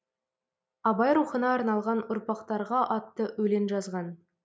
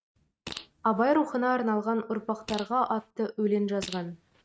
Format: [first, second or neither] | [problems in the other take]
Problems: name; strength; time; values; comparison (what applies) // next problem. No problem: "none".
first | noise reduction (neural mask model RNNoise)